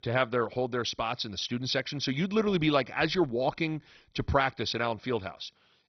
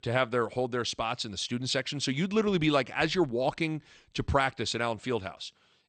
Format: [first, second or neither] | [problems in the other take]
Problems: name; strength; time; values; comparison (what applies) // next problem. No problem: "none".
second | garbled, watery; badly; nothing above 6 kHz; slightly in the second